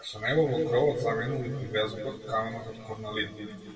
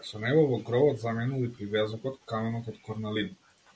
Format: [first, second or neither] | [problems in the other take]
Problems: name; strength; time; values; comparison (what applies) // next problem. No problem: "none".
second | room echo; dies away in 1.8 s